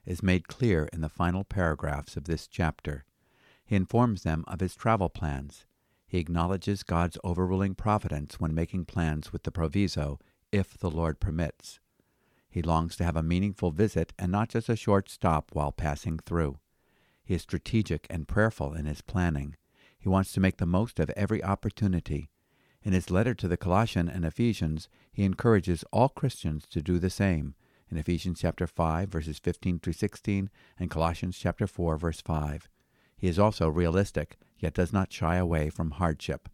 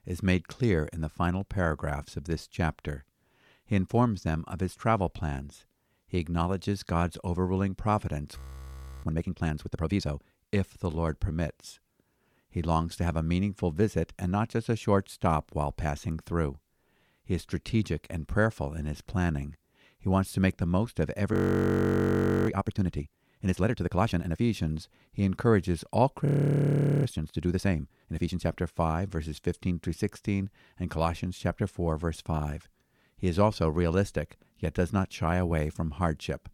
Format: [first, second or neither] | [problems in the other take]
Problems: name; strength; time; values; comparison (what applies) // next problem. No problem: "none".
first | audio freezing; at 8.5 s for 0.5 s, at 21 s for 1 s and at 26 s for 1 s